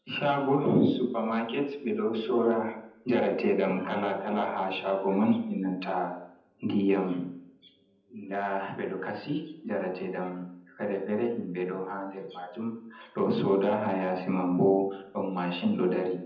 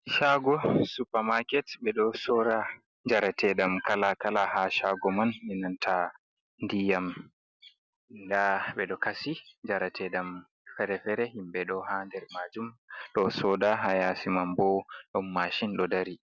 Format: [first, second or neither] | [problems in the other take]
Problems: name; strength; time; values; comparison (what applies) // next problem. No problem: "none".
second | room echo; dies away in 0.8 s